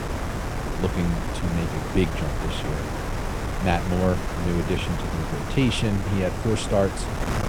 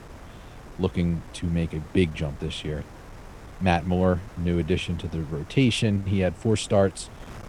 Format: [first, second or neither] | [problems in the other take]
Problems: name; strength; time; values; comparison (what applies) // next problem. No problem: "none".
second | wind noise on the microphone; heavy; 3 dB below the speech; occasional gusts in the second